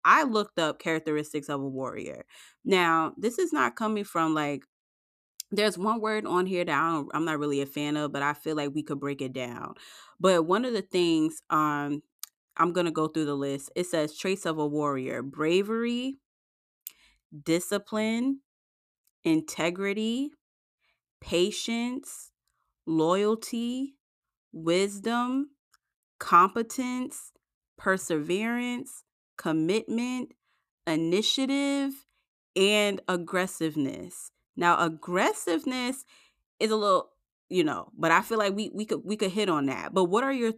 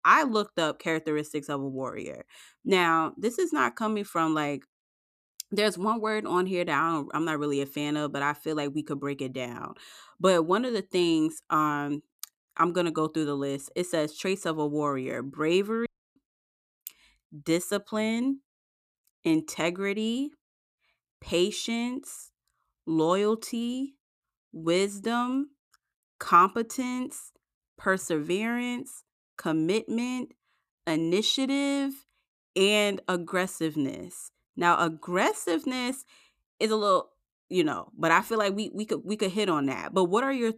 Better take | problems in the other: first | audio cutting out; at 16 s

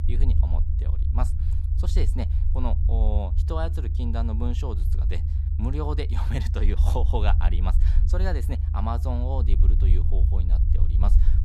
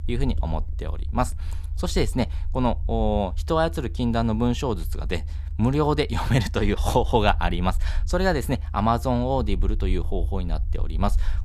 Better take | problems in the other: second | low rumble; loud; throughout; 7 dB below the speech; faint in the second

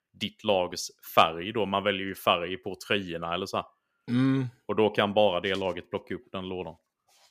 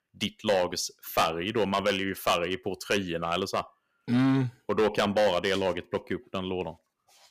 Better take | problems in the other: first | distortion; heavy; 5% of the sound clipped

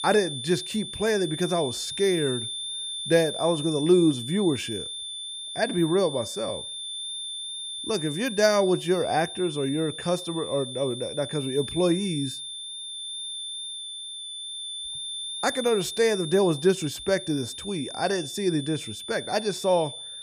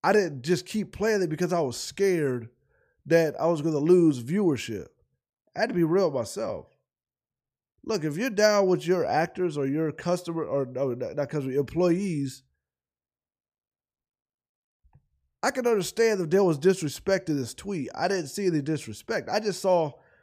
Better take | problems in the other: second | high-pitched whine; loud; throughout; 3.5 kHz, 7 dB below the speech

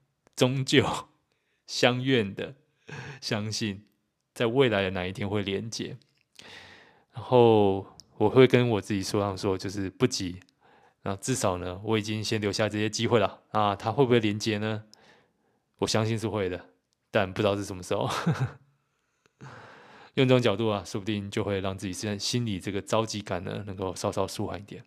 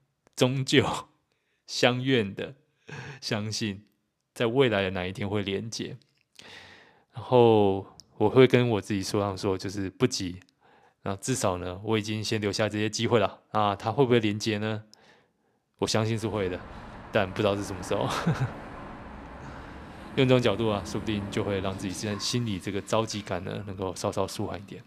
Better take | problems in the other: first | traffic noise; noticeable; from 16 s on; 15 dB below the speech

